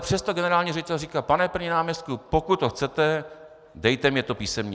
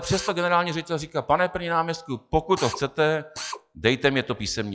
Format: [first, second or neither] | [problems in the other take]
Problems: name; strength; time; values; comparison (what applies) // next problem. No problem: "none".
first | noise reduction (classical method log-MMSE)